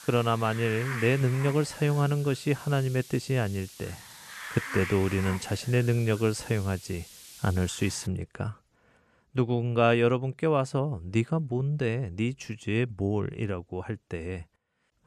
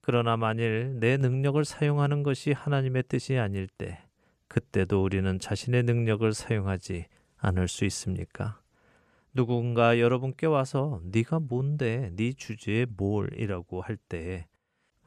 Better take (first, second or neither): second